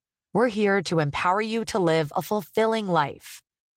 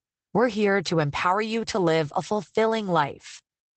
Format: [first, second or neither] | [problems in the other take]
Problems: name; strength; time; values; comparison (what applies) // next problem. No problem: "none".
first | garbled, watery; badly; nothing above 8 kHz; slightly in the first